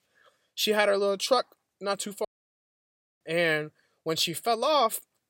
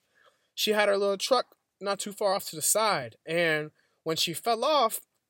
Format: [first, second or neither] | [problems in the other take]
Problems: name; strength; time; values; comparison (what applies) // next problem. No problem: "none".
second | audio cutting out; at 2.5 s for 1 s